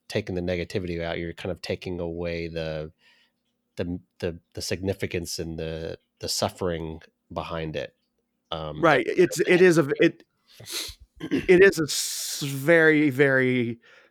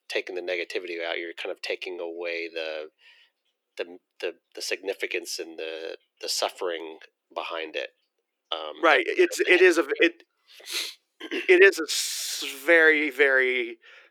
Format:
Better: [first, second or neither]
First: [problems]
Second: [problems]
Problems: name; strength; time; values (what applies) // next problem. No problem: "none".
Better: first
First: none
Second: thin; very; fading below 350 Hz